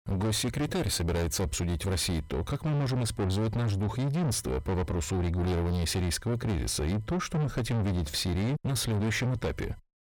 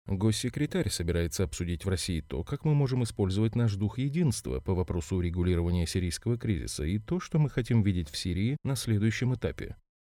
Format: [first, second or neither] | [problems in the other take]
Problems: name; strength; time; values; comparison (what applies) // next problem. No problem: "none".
second | distortion; heavy; 6 dB below the speech